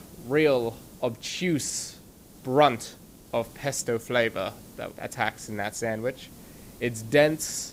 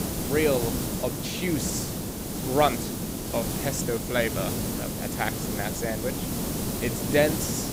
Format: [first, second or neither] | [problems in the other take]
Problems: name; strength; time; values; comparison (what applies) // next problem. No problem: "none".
first | hiss; loud; throughout; 1 dB below the speech; faint in the first